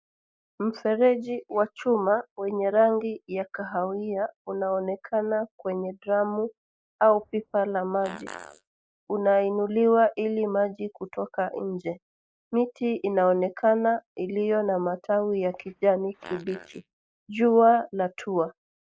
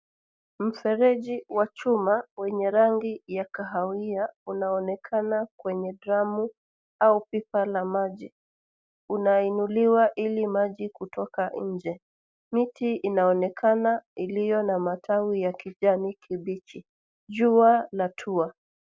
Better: second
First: noise reduction (neural mask model Resemble Enhance denoiser)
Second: none

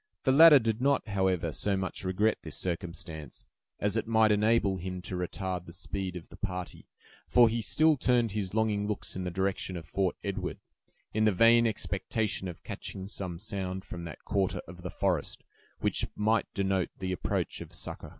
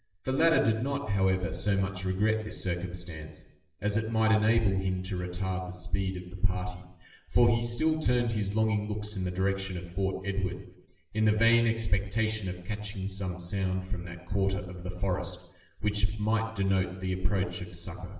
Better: first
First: none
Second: room echo; dies away in 0.8 s

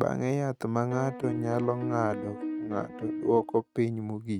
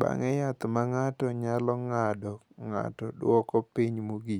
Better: second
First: noise reduction (neural mask model RNNoise)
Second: none

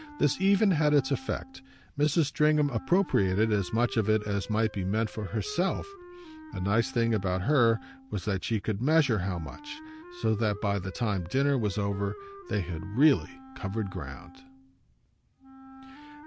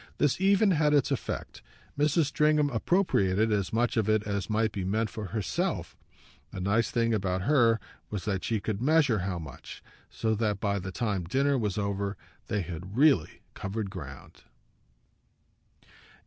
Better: second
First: background sound (Wind instrument, woodwind instrument); 18 dB below the speech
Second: none

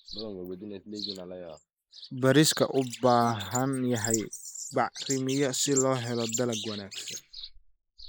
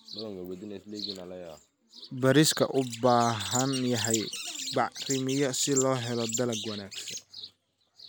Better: second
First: noise reduction (neural mask model Resemble Enhance denoiser)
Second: none

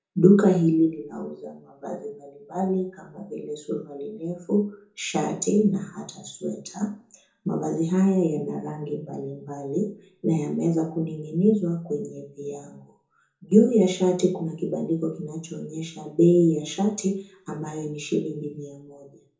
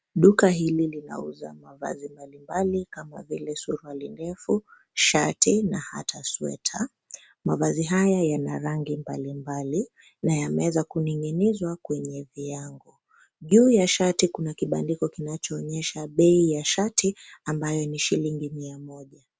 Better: second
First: room echo; dies away in 0.5 s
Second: none

